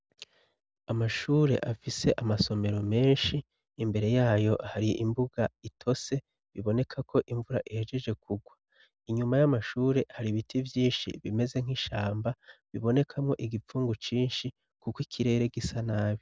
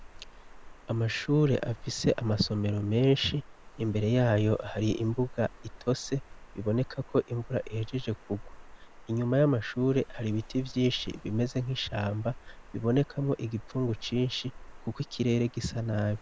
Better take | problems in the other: first | background sound (Water); 16 dB below the speech

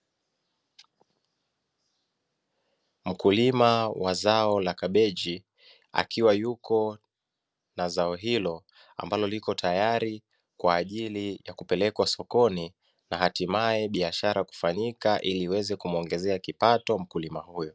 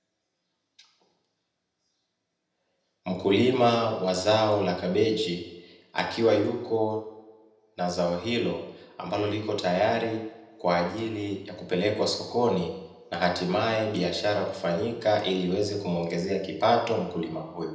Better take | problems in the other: first | room echo; dies away in 0.8 s

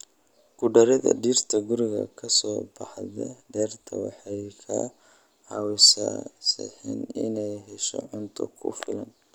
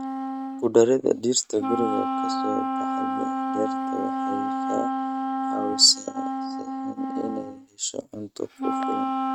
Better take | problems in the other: first | noise reduction (neural mask model RNNoise)

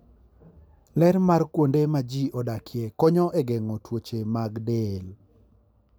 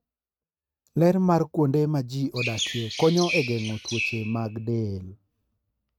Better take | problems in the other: first | noise reduction (neural mask model RNNoise)

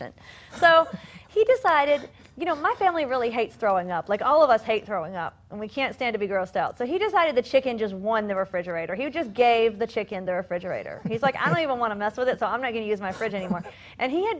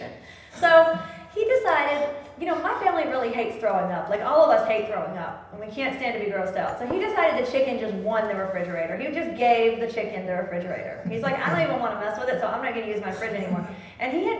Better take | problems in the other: first | background sound (Gunshot, gunfire); 17 dB below the speech // room echo; dies away in 0.9 s

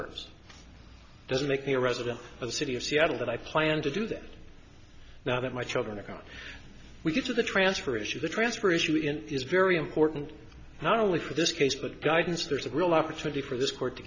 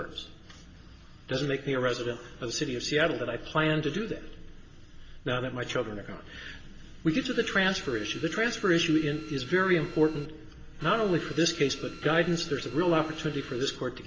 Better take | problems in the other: first | background sound (Drill); 19 dB below the speech // room echo; dies away in 0.7 s

